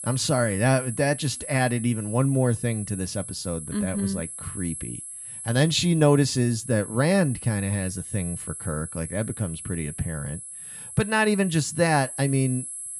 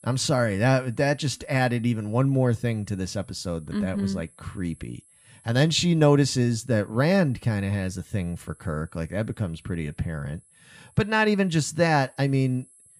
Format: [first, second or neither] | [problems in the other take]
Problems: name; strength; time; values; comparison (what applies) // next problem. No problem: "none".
second | high-pitched whine; loud; throughout; 11 kHz, 10 dB below the speech; faint in the second